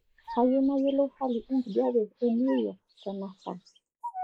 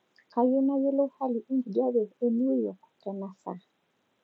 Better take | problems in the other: second | noise reduction (neural mask model Resemble Enhance denoiser)

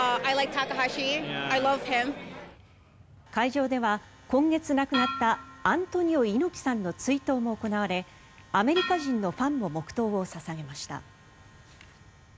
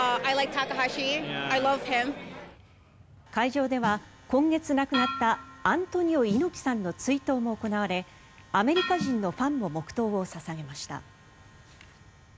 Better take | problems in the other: first | background sound (Snare drum); 15 dB below the speech

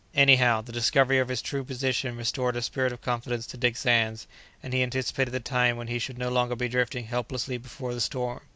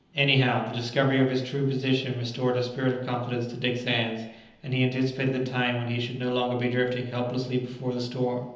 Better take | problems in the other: first | room echo; dies away in 0.9 s

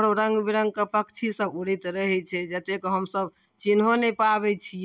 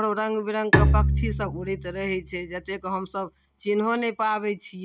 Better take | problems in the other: first | background sound (Bowed string instrument); 2 dB above the speech

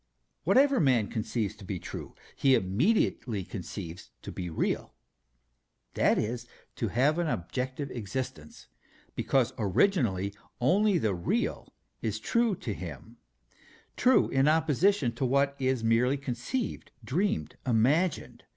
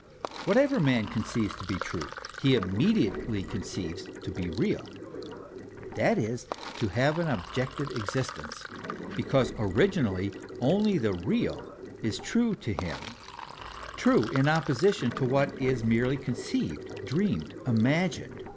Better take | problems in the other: first | background sound (Sink (filling or washing)); 11 dB below the speech

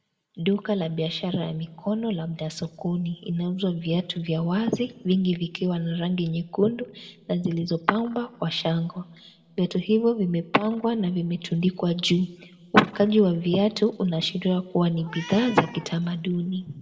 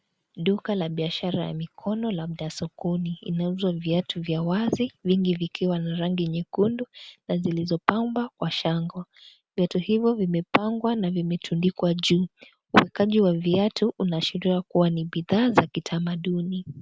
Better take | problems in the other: second | background sound (Meow); 16 dB below the speech // room echo; dies away in 0.9 s

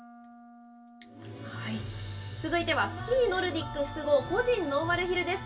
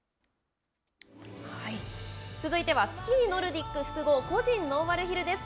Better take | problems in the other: second | background sound (Wind instrument, woodwind instrument); 20 dB below the speech // room echo; dies away in 0.1 s

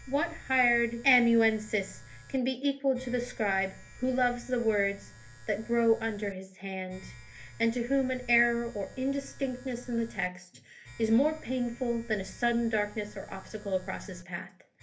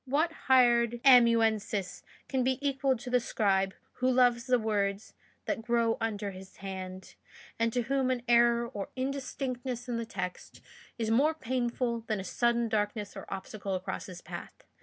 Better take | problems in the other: second | background sound (Domestic sounds, home sounds); 19 dB below the speech // room echo; dies away in 0.3 s

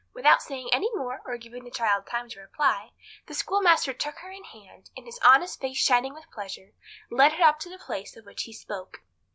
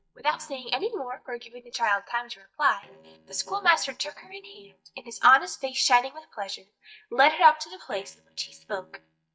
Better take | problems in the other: first | noise reduction (neural mask model DeepFilterNet 3)

